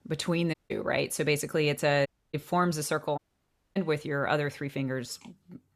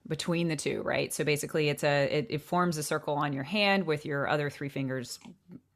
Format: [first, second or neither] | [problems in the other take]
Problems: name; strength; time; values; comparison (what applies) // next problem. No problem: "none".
second | audio cutting out; at 0.5 s, at 2 s and at 3 s for 0.5 s